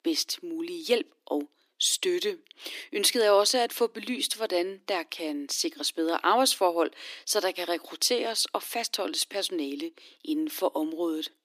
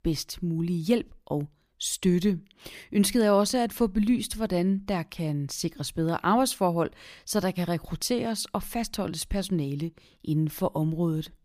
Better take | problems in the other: second | thin; somewhat; fading below 300 Hz

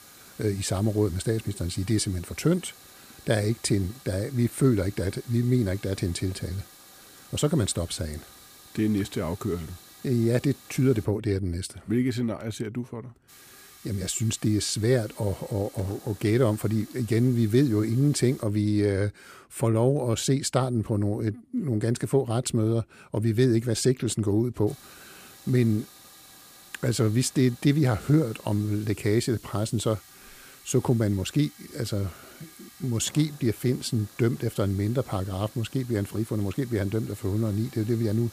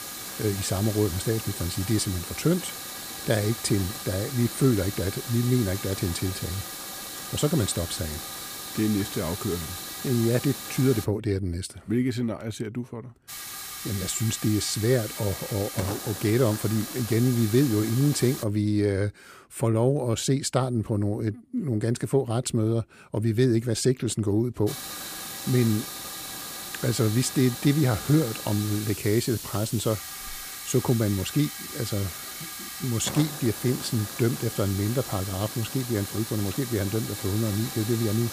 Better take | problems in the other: first | hiss; loud; until 11 s, from 13 to 18 s and from 25 s on; 8 dB below the speech; faint in the first

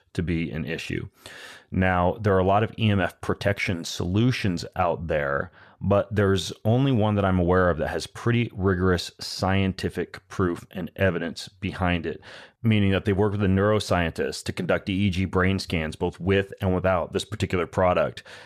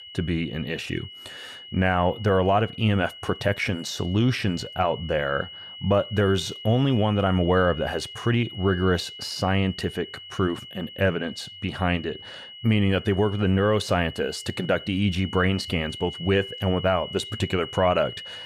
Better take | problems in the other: first | high-pitched whine; noticeable; throughout; 3 kHz, 15 dB below the speech

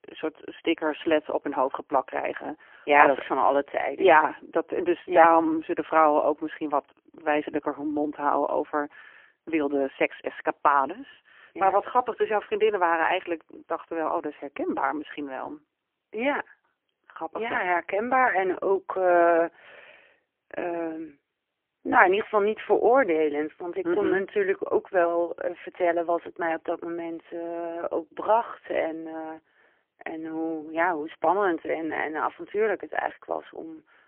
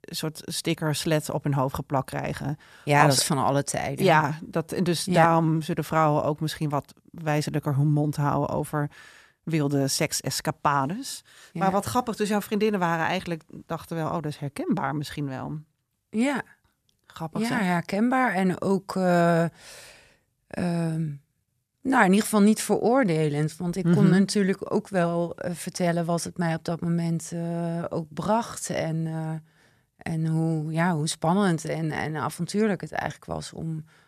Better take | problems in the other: second | phone-call audio; poor line

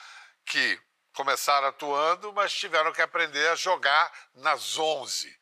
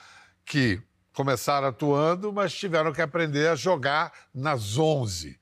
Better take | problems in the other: second | thin; very; fading below 900 Hz

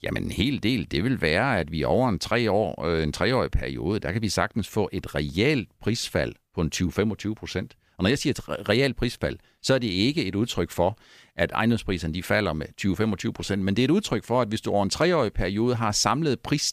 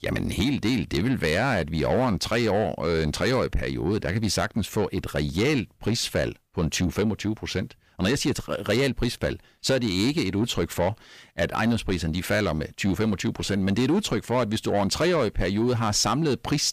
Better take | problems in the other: first | distortion; slight; 10 dB below the speech

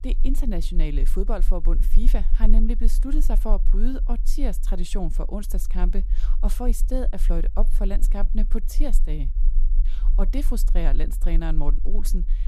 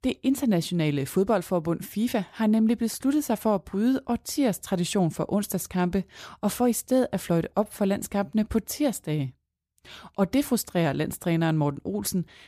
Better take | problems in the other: second | low rumble; noticeable; throughout; 15 dB below the speech

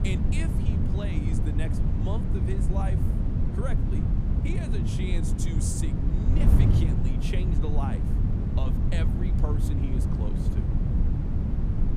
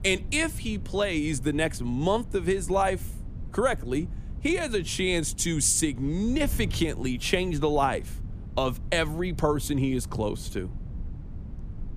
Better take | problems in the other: second | wind noise on the microphone; heavy; 2 dB above the speech; occasional gusts in the second

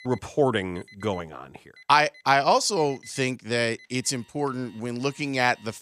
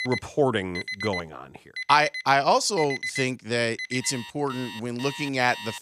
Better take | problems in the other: first | alarms or sirens; loud; throughout; 9 dB below the speech; faint in the first

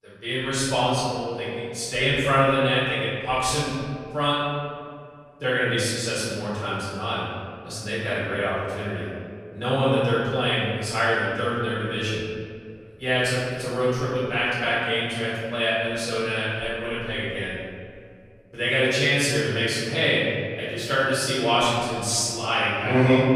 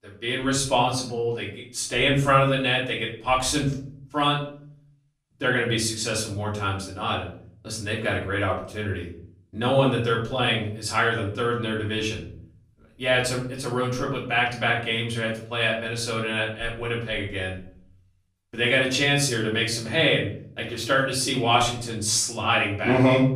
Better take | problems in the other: second | room echo; strong; dies away in 2.1 s; slight in the second // off-mic speech; far; far in the second

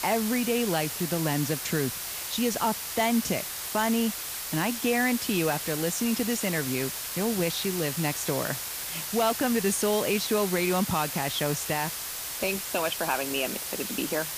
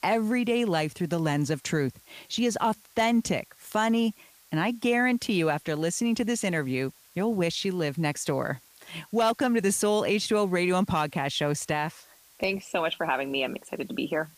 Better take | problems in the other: second | hiss; loud; throughout; 3 dB below the speech; faint in the second

